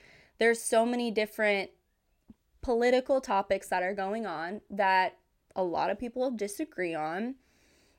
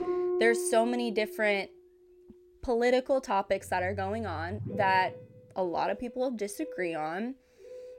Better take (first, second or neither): first